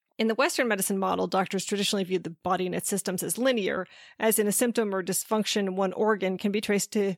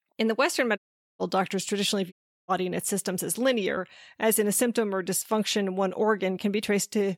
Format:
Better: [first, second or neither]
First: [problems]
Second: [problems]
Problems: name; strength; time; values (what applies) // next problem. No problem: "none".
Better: first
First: none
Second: audio cutting out; at 1 s and at 2 s